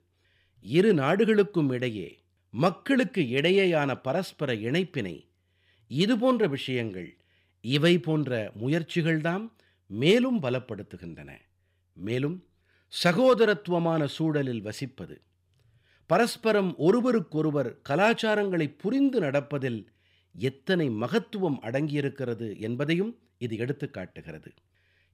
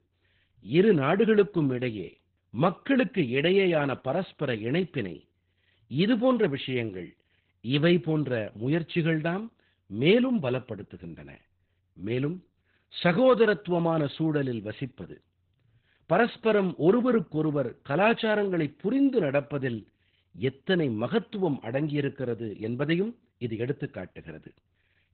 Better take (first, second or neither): first